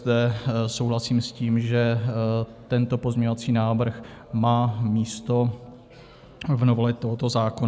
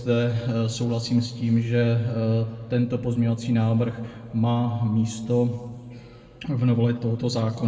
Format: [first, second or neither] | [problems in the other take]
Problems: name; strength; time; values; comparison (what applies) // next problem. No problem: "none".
first | room echo; dies away in 1.7 s